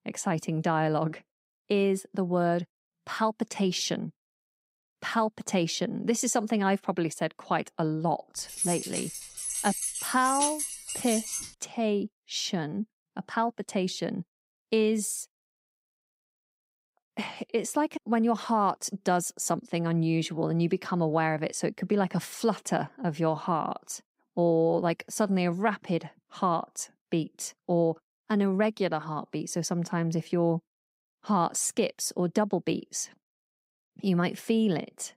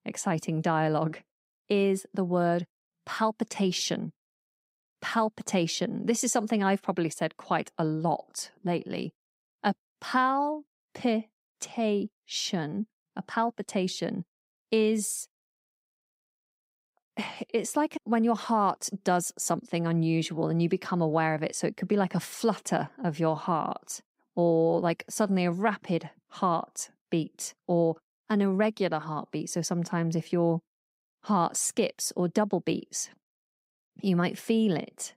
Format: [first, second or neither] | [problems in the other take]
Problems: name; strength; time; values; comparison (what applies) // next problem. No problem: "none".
second | jangling keys; loud; from 8.5 to 11 s; peak 1 dB above the speech